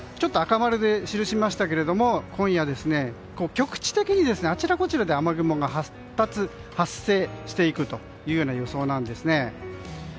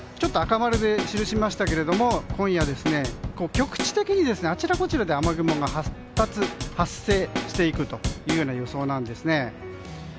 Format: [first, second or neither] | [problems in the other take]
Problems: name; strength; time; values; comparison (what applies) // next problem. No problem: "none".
first | background sound (Drum / Drum kit); 5 dB below the speech